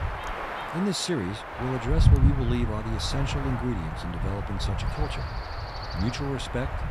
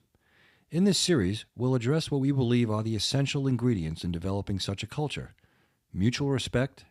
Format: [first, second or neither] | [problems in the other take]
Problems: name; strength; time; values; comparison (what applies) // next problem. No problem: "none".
second | wind noise on the microphone; heavy; as loud as the speech